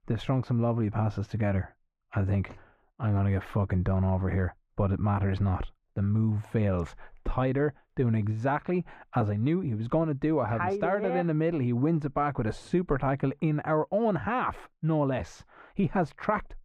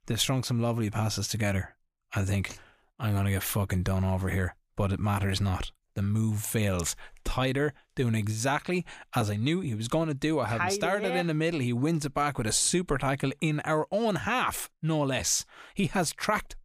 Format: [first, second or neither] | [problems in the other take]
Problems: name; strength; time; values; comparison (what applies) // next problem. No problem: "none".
second | muffled; very; fading above 3.5 kHz